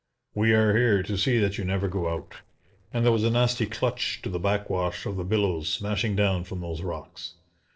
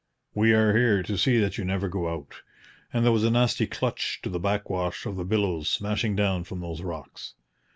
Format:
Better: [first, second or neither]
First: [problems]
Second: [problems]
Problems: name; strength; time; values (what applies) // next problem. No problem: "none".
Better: second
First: noise reduction (neural separator model SepFormer DNS4)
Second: none